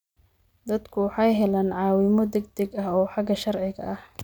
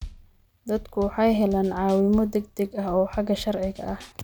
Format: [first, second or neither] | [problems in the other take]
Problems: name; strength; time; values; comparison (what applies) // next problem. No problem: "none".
first | background sound (Bass drum / Snare drum / Drum kit); 17 dB below the speech